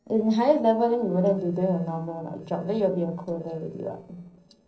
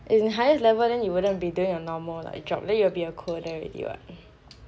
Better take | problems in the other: second | noise reduction (neural separator model SepFormer DNS4)

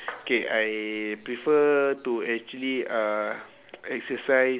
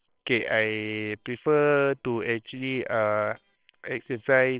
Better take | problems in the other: first | noise reduction (neural separator model SepFormer WHAMR!)

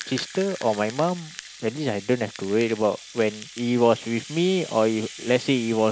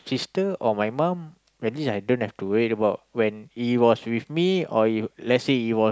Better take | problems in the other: second | background sound (Rattle (instrument)); 16 dB below the speech

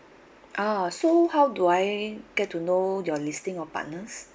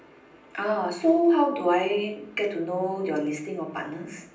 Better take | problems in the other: first | room echo; dies away in 0.6 s

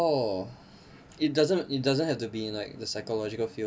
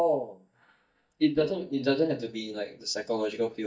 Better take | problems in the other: first | noise reduction (neural mask model DeepFilterNet 3)

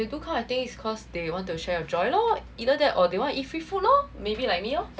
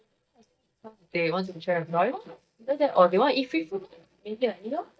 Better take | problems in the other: first | noise reduction (neural mask model DeepFilterNet 3)

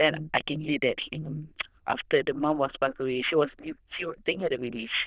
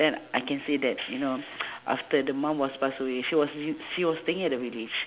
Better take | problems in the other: second | noise reduction (neural diffusion model UNIVERSE++)

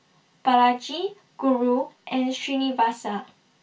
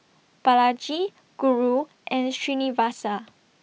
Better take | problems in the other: second | room echo; dies away in 0.2 s

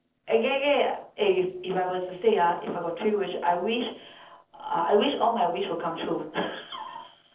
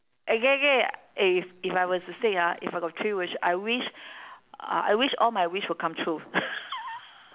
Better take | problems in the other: second | noise reduction (neural separator model SepFormer DNS4)

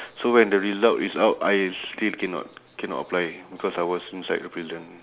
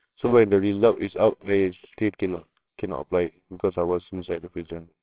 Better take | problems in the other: first | noise reduction (neural separator model SepFormer WHAMR!)

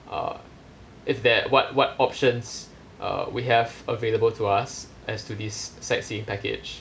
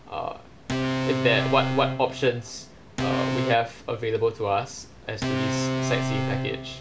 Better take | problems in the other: first | background sound (Organ); 1 dB below the speech

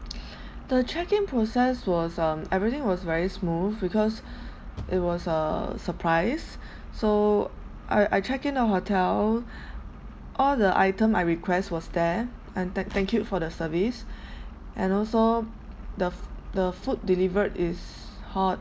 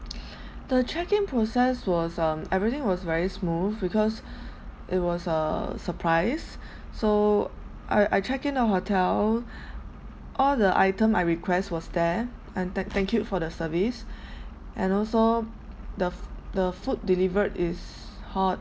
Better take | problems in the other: second | background sound (Bass drum / Thump, thud); 16 dB below the speech

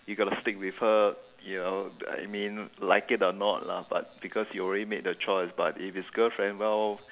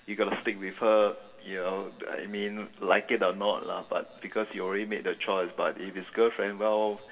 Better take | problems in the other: first | room echo; dies away in 2.7 s

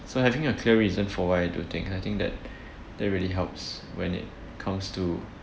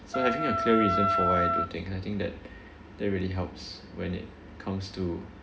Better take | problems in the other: first | background sound (Wind instrument, woodwind instrument); 3 dB above the speech // room echo; dies away in 0.3 s

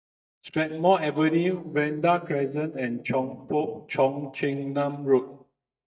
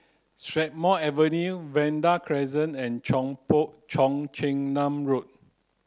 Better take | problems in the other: second | noise reduction (neural mask model DeepFilterNet 3)

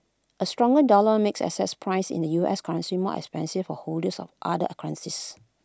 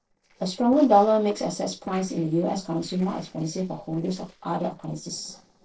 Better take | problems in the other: first | noise reduction (neural separator model SepFormer DNS4)

